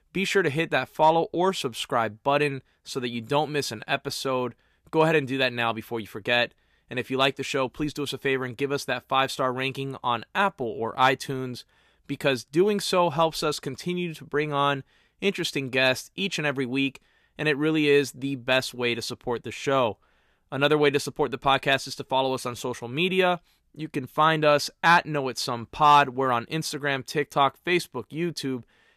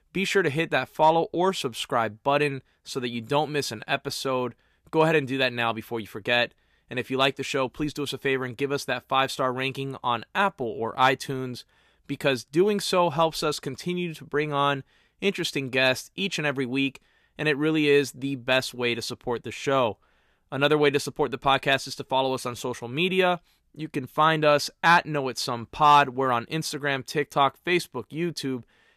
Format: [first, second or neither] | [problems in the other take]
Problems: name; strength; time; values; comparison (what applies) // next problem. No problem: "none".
neither | none